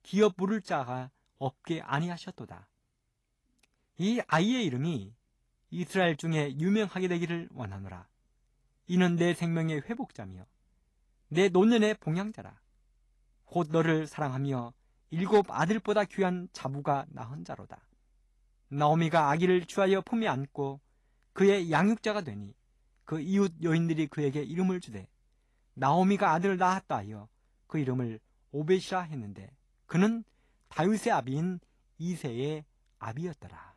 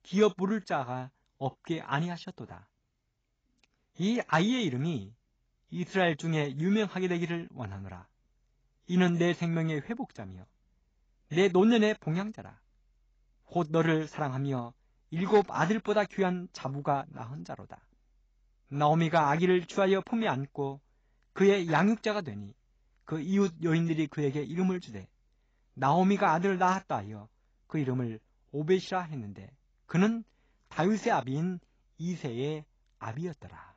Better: first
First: garbled, watery; slightly; nothing above 11.5 kHz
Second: garbled, watery; badly

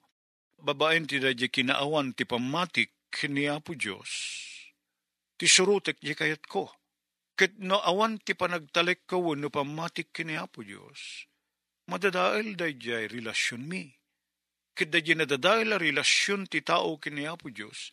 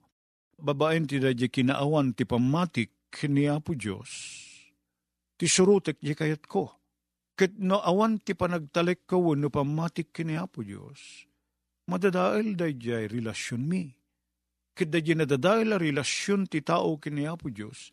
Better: second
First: thin; somewhat; fading below 600 Hz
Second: none

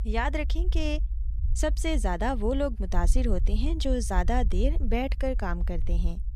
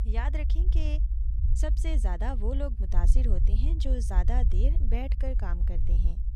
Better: first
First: low rumble; faint; throughout; 20 dB below the speech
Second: low rumble; loud; throughout; 9 dB below the speech

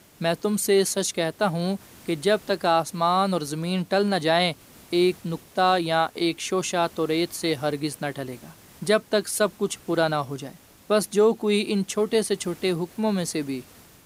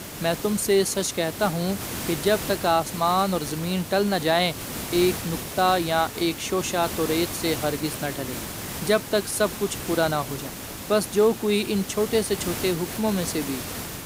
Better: first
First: hiss; faint; throughout; 25 dB below the speech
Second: hiss; loud; throughout; 8 dB below the speech

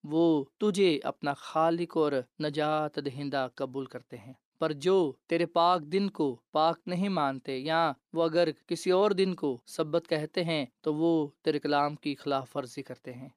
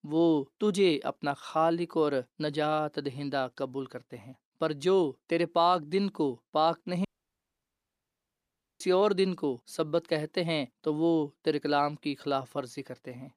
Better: first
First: none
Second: audio cutting out; at 7 s for 2 s

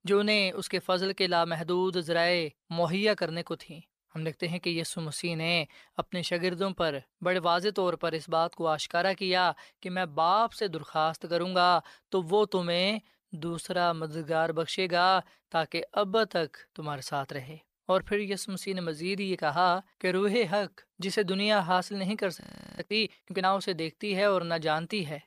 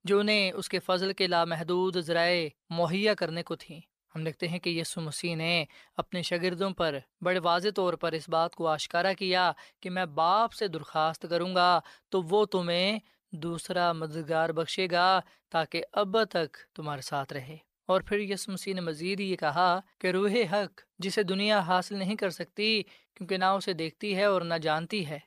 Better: second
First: audio freezing; at 22 s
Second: none

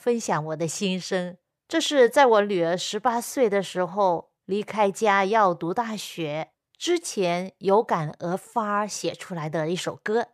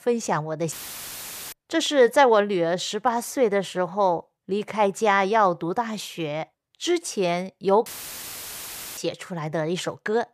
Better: first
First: none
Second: audio cutting out; filled with static; at 0.5 s for 1 s and at 8 s for 1 s

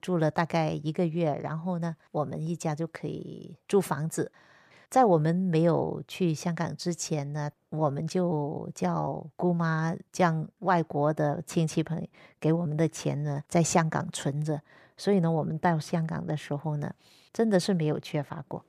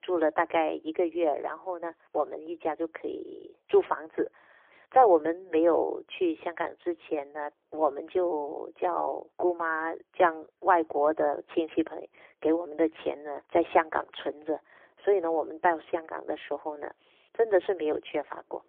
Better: first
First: none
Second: phone-call audio; poor line; nothing above 3.5 kHz

